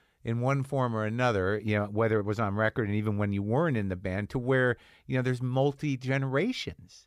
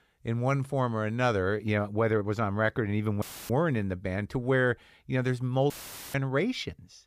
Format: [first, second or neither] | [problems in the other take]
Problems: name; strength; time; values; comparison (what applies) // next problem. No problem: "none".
first | audio cutting out; filled with static; at 3 s and at 5.5 s